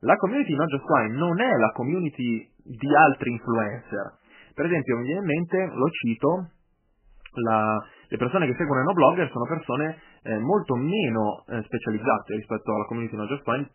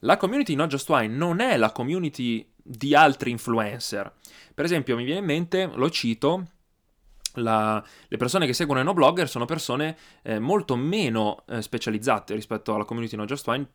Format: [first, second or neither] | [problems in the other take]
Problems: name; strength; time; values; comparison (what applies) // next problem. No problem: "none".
second | garbled, watery; badly; nothing above 3 kHz